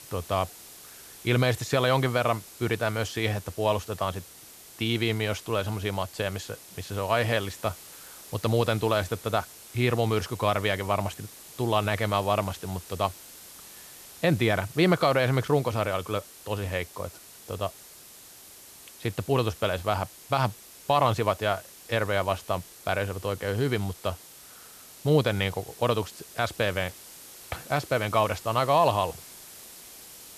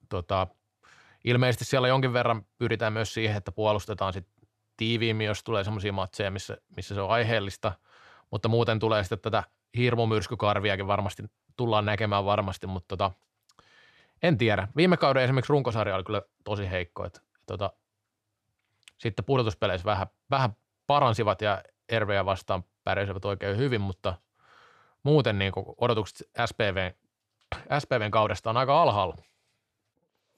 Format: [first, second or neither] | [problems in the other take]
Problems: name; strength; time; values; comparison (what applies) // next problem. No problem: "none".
second | hiss; noticeable; throughout; 15 dB below the speech